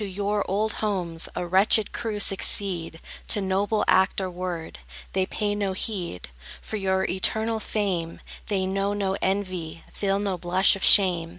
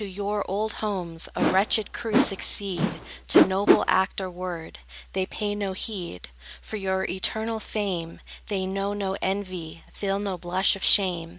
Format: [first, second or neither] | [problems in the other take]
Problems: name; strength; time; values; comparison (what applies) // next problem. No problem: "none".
first | background sound (Whoosh, swoosh, swish); 3 dB above the speech